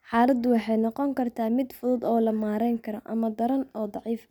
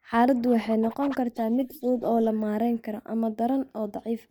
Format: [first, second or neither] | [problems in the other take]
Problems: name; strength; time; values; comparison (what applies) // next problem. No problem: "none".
first | noise reduction (neural mask model Resemble Enhance denoiser)